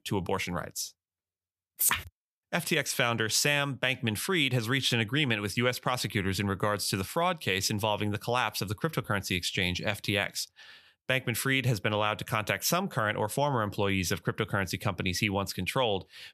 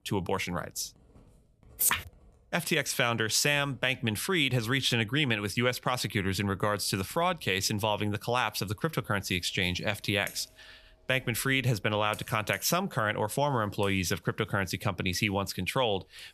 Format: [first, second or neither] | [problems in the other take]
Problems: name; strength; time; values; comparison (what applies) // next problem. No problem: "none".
first | household noises; faint; throughout; 30 dB below the speech